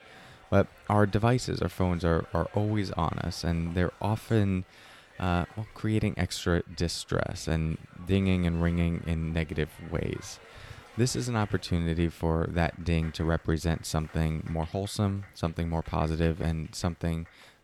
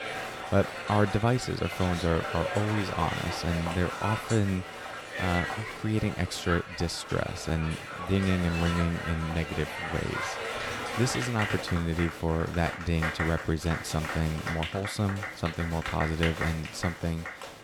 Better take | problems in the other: first | crowd noise; loud; throughout; 5 dB below the speech; faint in the first

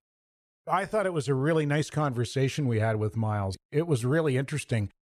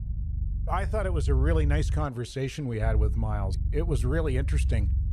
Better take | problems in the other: first | low rumble; noticeable; throughout; 15 dB below the speech

